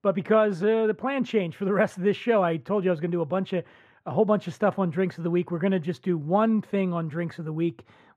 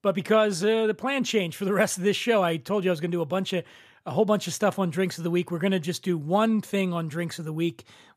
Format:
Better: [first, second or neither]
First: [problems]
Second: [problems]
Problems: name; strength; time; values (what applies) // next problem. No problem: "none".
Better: second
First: muffled; very; fading above 3.5 kHz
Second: none